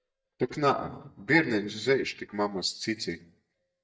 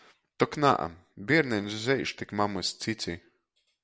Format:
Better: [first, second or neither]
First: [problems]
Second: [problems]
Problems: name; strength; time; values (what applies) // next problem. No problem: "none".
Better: second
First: noise reduction (neural mask model DeepFilterNet 3)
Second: none